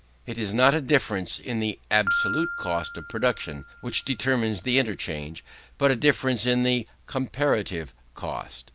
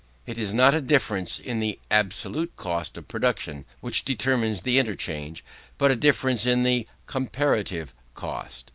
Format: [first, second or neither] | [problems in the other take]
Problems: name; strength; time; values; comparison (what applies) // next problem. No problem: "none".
second | background sound (Piano); 11 dB below the speech